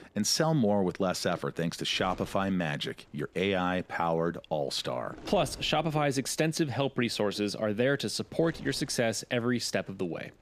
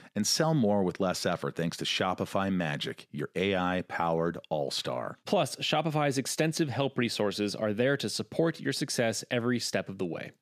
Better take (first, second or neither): second